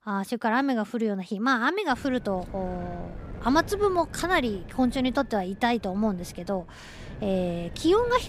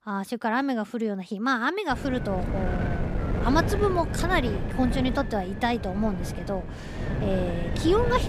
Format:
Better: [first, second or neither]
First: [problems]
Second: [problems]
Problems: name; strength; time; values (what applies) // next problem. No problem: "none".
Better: first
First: wind noise on the microphone; occasional gusts; from 2 s on; 20 dB below the speech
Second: wind noise on the microphone; heavy; from 2 s on; 8 dB below the speech